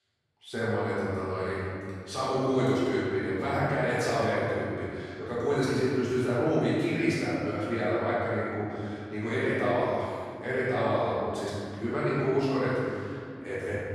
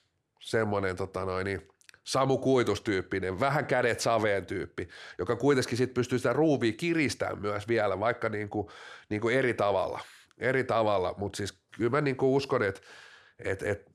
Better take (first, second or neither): second